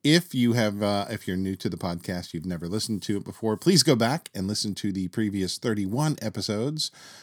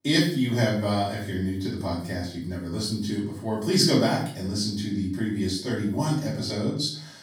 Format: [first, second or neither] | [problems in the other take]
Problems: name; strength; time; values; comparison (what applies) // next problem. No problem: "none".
first | off-mic speech; far // room echo; noticeable; dies away in 0.5 s